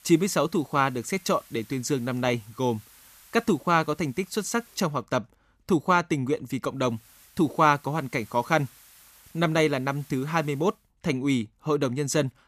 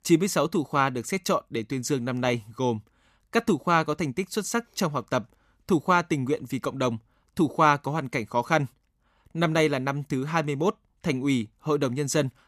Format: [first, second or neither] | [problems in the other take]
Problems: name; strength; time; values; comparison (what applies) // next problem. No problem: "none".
second | hiss; faint; until 5 s and from 7 to 11 s; 25 dB below the speech